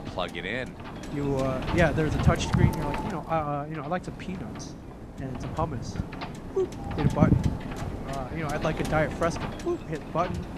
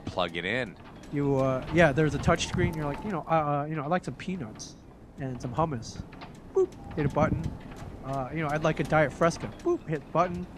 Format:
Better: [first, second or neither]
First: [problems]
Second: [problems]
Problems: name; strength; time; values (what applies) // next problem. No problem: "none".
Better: second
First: wind noise on the microphone; heavy; 6 dB below the speech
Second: wind noise on the microphone; occasional gusts; 15 dB below the speech